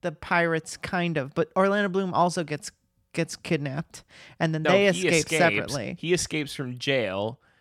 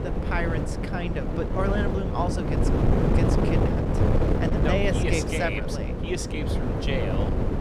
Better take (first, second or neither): first